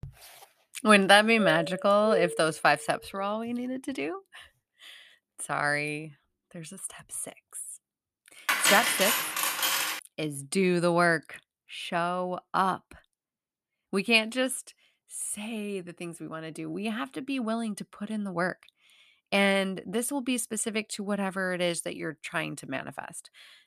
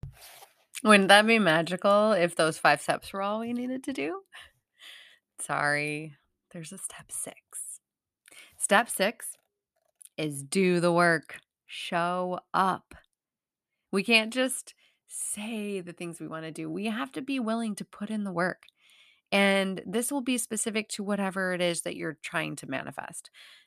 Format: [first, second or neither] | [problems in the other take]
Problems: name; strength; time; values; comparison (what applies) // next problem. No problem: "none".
second | doorbell; noticeable; from 1.5 to 2.5 s; peak 4 dB below the speech // clattering dishes; loud; from 8.5 to 10 s; peak 5 dB above the speech